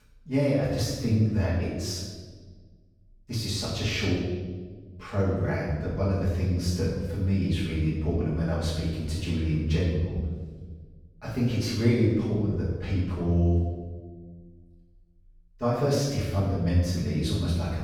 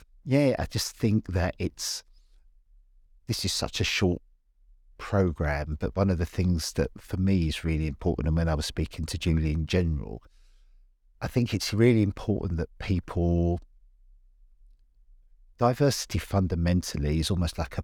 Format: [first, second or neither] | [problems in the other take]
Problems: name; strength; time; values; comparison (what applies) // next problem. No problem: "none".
second | off-mic speech; far // room echo; strong; dies away in 1.3 s